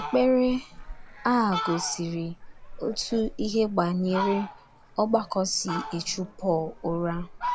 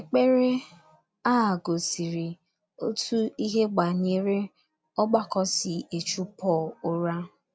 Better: second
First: background sound (Fowl); 10 dB below the speech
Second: none

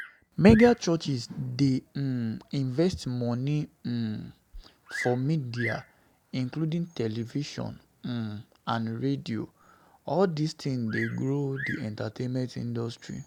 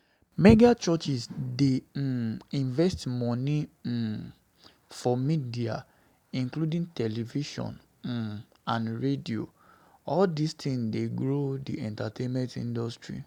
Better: second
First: background sound (Bird vocalization, bird call, bird song); 16 dB below the speech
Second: none

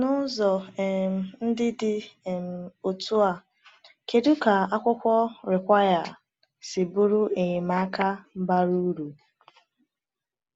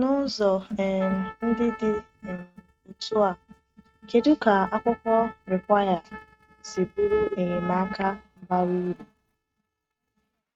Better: first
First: none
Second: noise reduction (neural mask model RNNoise)

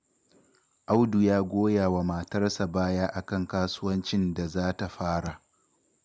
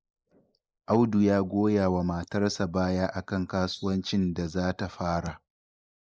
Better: first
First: none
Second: noise reduction (neural mask model Resemble Enhance denoiser)

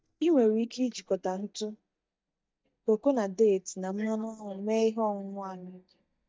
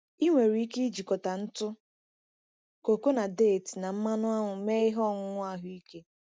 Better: second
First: noise reduction (neural mask model DeepFilterNet 3)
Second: none

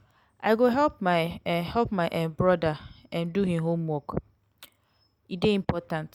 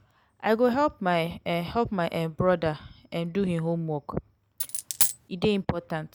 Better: first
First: none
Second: background sound (Coin (dropping)); 1 dB above the speech

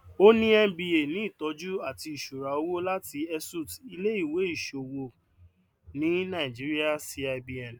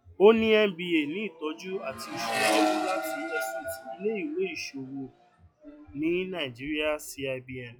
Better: first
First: none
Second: noise reduction (classical method log-MMSE)

